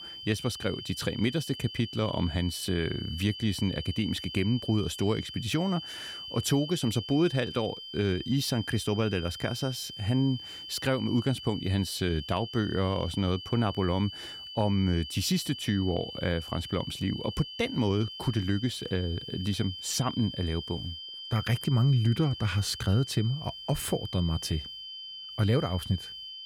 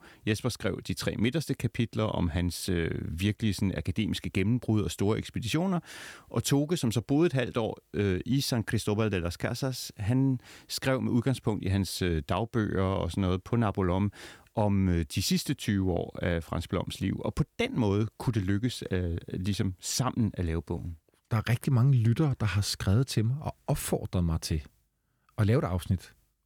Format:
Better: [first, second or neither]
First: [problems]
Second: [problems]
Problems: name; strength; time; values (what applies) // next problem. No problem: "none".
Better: second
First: high-pitched whine; loud; throughout; 3 kHz, 9 dB below the speech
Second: none